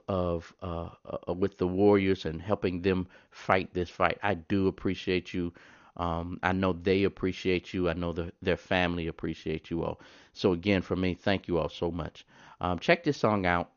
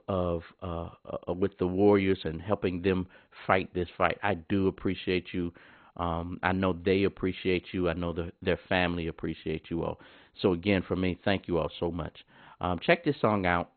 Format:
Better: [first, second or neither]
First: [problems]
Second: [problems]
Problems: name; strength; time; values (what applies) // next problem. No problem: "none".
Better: first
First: garbled, watery; slightly; nothing above 6.5 kHz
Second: garbled, watery; badly; nothing above 4 kHz